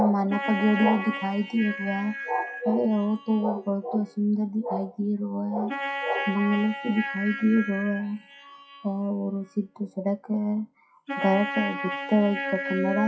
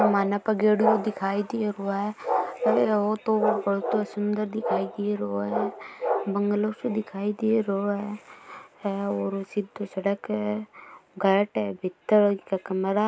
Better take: second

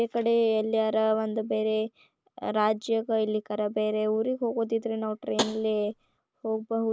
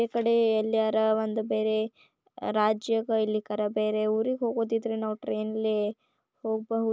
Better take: second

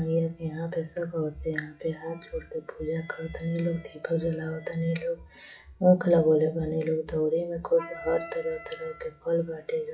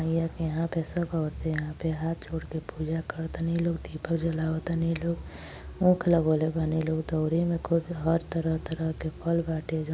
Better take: second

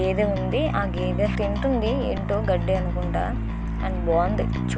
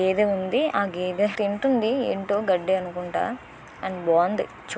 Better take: second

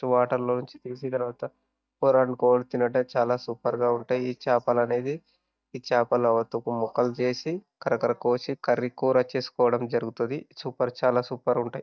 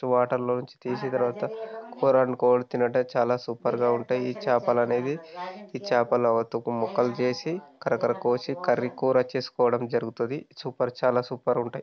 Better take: second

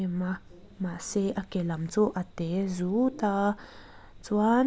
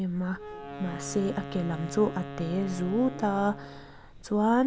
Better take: first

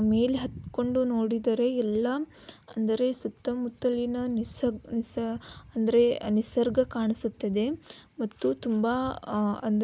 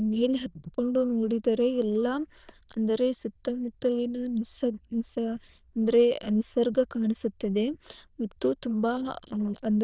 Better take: first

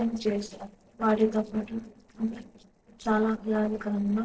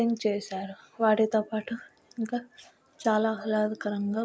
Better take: second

